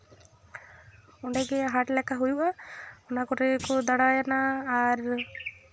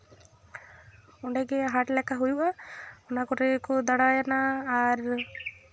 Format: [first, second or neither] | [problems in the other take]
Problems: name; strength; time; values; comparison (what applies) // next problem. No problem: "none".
second | background sound (Thump, thud); 18 dB below the speech